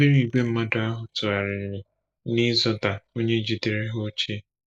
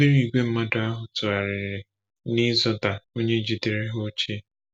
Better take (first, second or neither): second